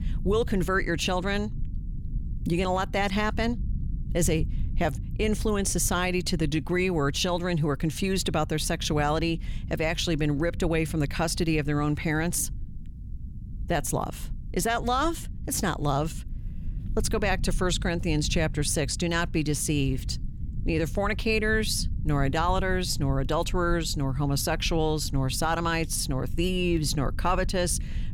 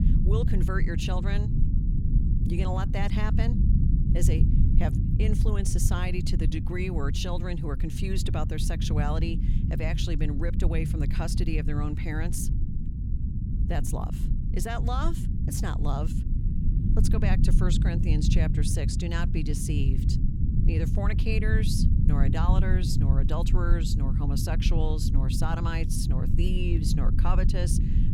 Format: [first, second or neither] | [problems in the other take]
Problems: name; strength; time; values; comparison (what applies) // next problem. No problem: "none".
first | low rumble; loud; throughout; 4 dB below the speech; faint in the first